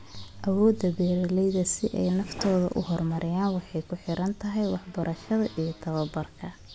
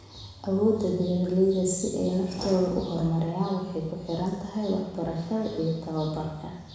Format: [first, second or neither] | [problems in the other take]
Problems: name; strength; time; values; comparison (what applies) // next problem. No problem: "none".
first | room echo; dies away in 1 s